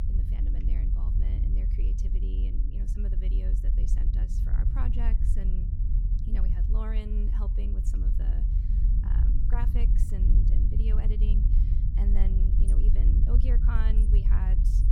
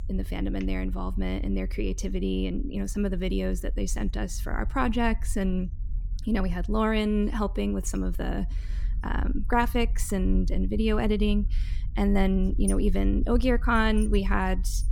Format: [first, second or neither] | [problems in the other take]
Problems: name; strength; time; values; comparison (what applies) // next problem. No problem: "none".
second | low rumble; loud; throughout; 1 dB below the speech; faint in the second